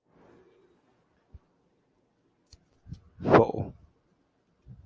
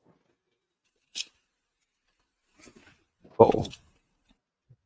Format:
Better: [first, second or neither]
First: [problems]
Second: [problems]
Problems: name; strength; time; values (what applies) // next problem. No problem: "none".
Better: first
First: none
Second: noise reduction (neural mask model RNNoise)